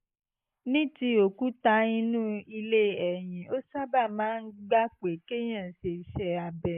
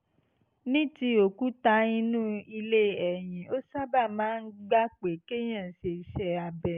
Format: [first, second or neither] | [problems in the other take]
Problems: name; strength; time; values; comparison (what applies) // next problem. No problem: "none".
second | noise reduction (neural mask model Resemble Enhance denoiser)